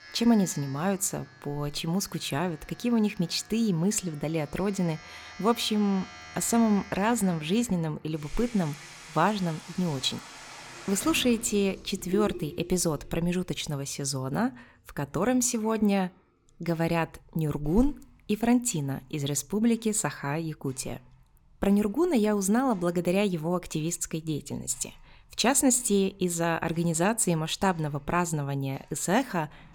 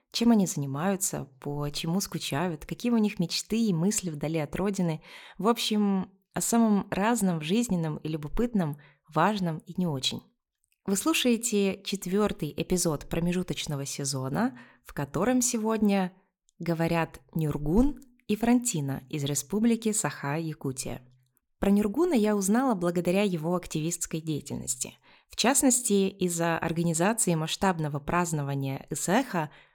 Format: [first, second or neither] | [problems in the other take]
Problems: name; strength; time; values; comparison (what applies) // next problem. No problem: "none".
second | household noises; noticeable; throughout; 15 dB below the speech